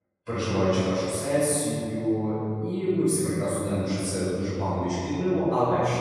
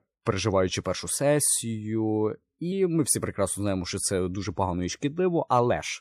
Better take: second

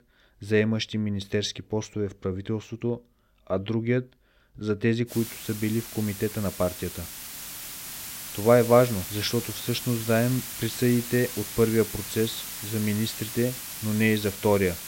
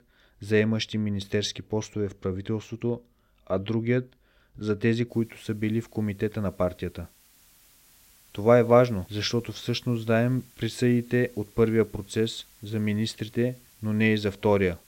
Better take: second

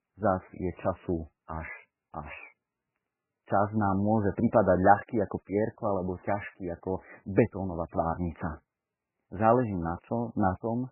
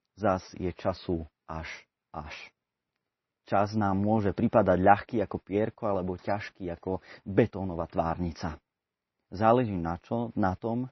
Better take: second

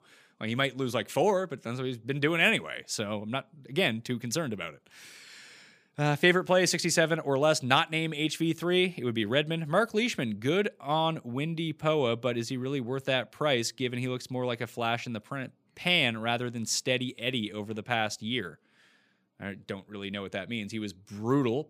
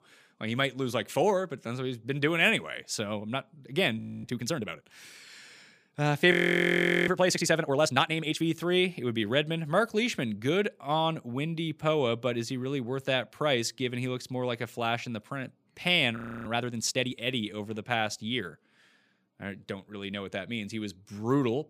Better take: first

